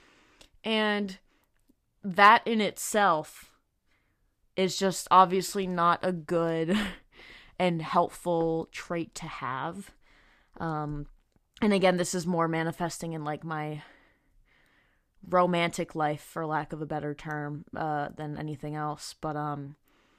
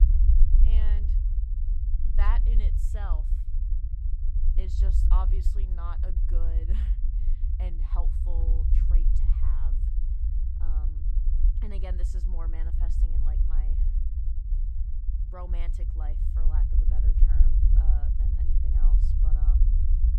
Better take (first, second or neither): first